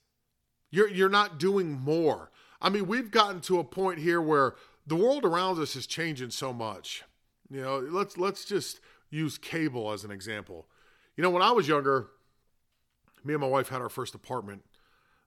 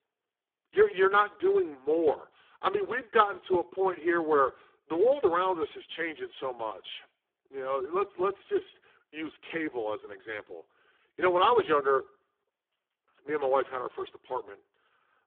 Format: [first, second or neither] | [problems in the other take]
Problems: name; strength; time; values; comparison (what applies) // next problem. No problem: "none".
first | phone-call audio; poor line